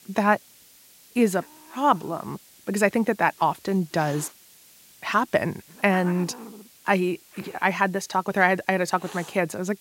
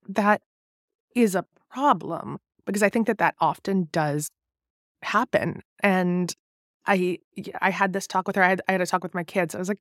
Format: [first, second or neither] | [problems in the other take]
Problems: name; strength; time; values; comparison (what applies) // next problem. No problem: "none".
second | hiss; faint; throughout; 20 dB below the speech